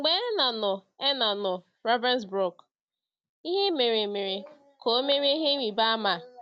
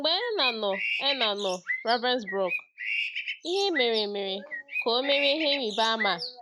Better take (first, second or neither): first